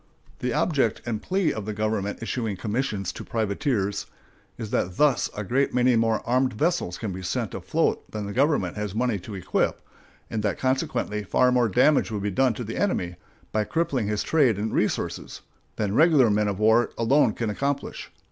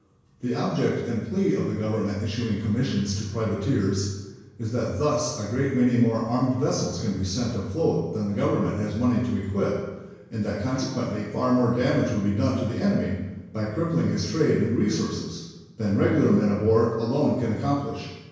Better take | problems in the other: first | room echo; dies away in 1 s

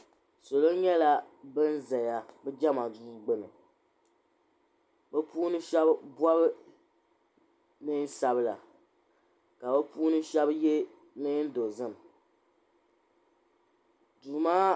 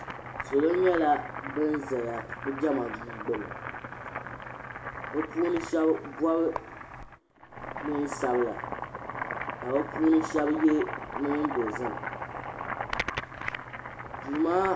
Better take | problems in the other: first | background sound (Boiling); 7 dB below the speech // room echo; dies away in 0.3 s

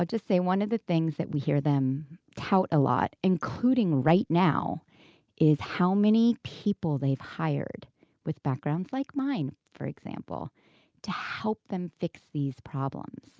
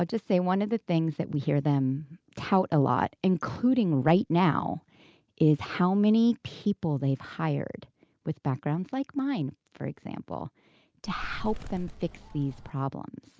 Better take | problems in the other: first | background sound (Bird); 11 dB below the speech

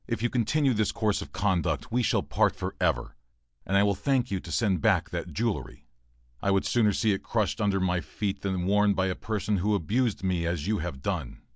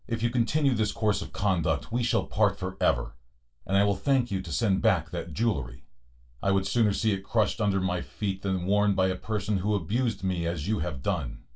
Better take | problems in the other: first | room echo; dies away in 0.2 s

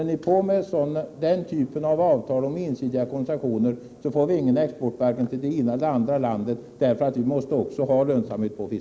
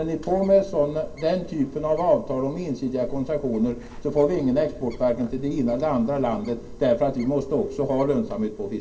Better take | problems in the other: first | background sound (Bird); 16 dB below the speech // room echo; dies away in 0.2 s

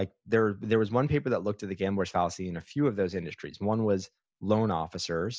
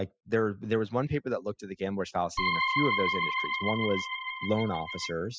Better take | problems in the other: first | noise reduction (classical method spectral subtraction)

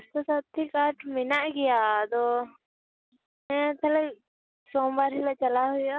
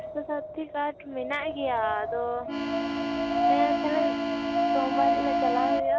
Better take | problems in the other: first | background sound (Wind + Organ); 5 dB above the speech

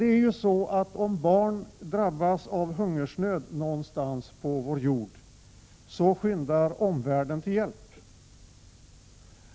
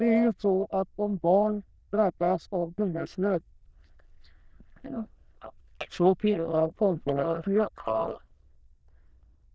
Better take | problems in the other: first | noise reduction (neural diffusion model UNIVERSE++)

